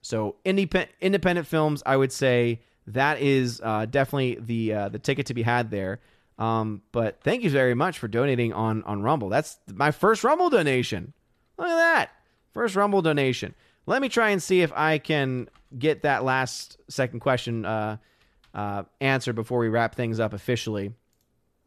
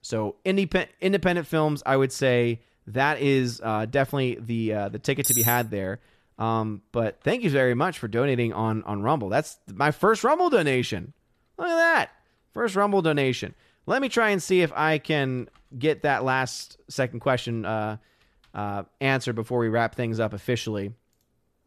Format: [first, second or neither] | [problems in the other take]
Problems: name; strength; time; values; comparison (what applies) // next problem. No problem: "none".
first | clattering dishes; loud; at 5 s; peak 4 dB above the speech